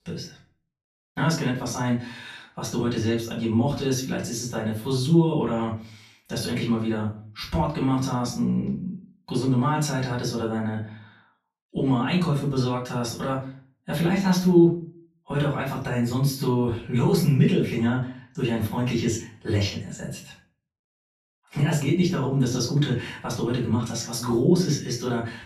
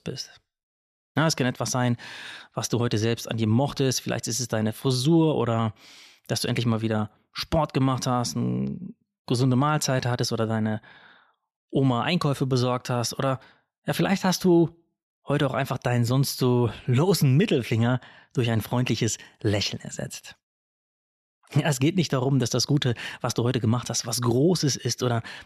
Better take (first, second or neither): second